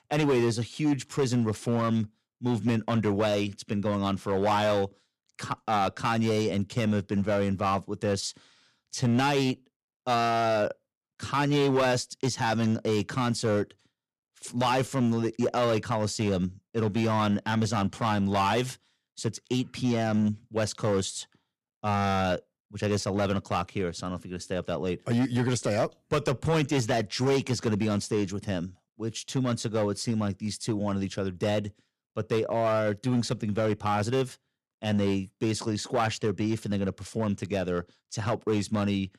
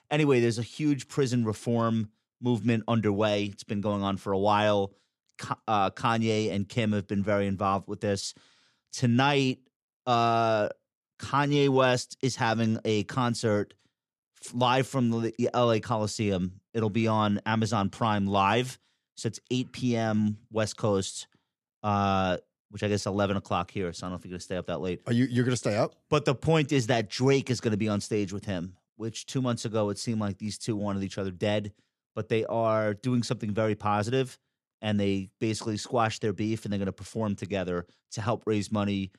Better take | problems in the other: second | distortion; slight; 6% of the sound clipped

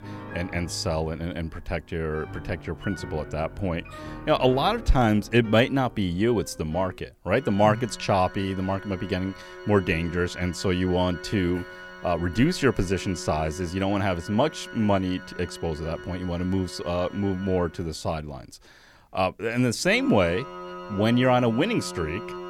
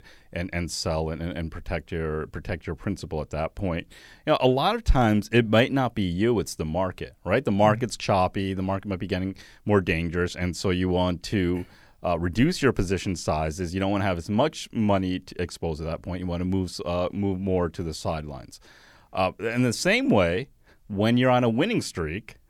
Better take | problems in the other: second | background music; noticeable; throughout; 15 dB below the speech

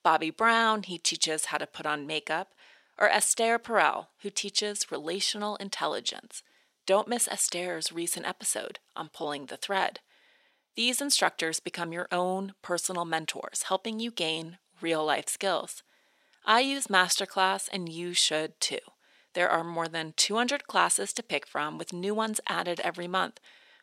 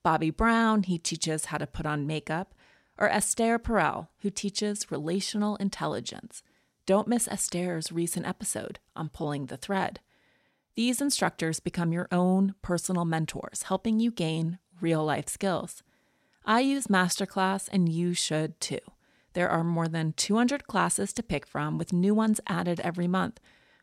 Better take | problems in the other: second | thin; somewhat; fading below 450 Hz

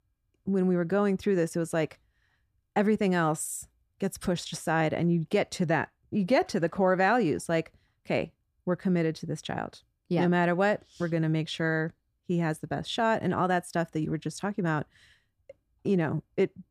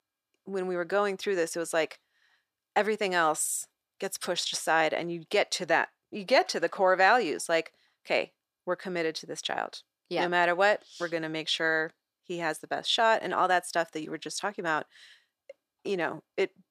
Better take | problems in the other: first | thin; very; fading below 500 Hz

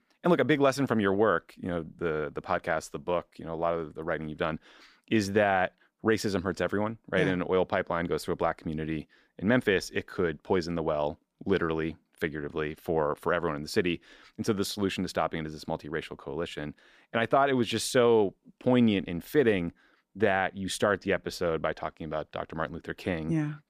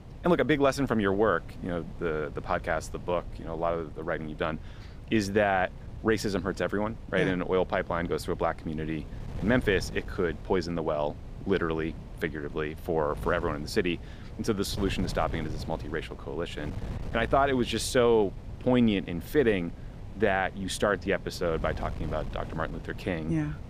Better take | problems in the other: first | wind noise on the microphone; occasional gusts; 20 dB below the speech

